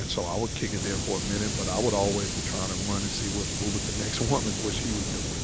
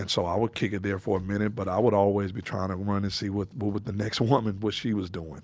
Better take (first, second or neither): second